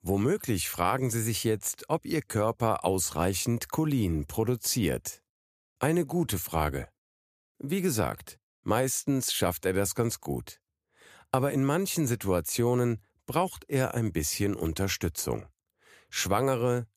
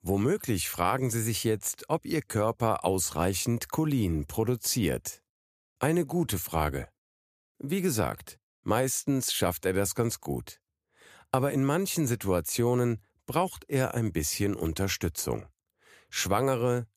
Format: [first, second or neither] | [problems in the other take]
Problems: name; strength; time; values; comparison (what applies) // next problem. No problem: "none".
neither | none